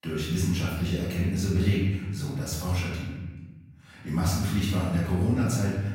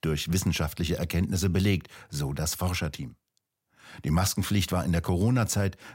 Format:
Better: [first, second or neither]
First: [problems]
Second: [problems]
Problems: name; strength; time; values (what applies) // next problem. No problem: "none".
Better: second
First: off-mic speech; far // room echo; noticeable; dies away in 1.3 s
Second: none